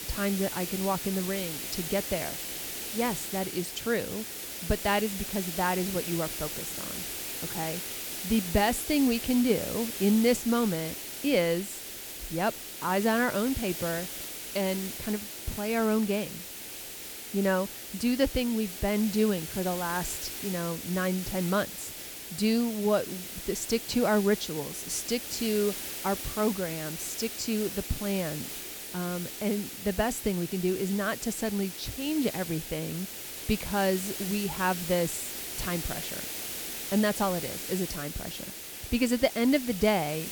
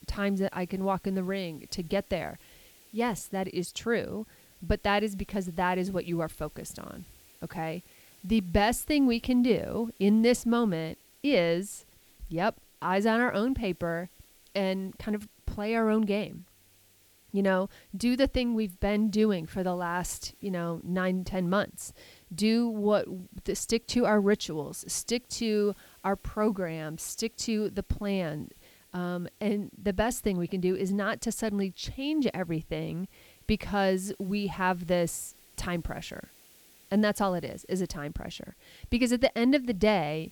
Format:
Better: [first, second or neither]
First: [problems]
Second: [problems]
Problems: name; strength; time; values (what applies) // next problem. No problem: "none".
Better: second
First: hiss; loud; throughout; 6 dB below the speech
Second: hiss; faint; throughout; 25 dB below the speech